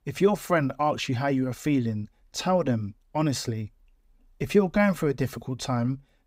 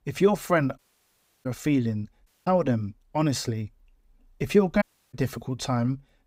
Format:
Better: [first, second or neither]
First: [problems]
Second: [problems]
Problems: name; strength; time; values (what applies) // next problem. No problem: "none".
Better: first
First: none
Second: audio cutting out; at 1 s for 0.5 s, at 2.5 s and at 5 s